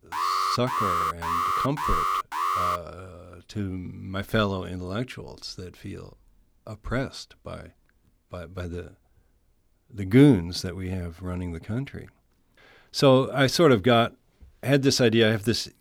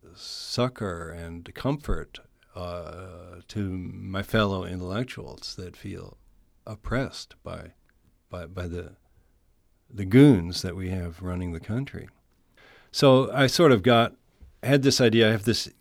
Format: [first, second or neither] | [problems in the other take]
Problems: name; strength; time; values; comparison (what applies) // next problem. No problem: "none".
second | alarm; noticeable; until 3 s; peak level with the speech